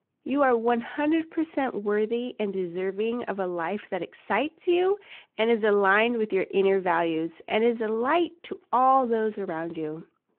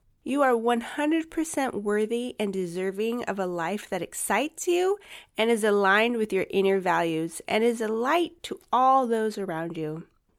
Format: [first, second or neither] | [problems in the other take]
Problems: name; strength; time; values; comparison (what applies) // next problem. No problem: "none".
second | phone-call audio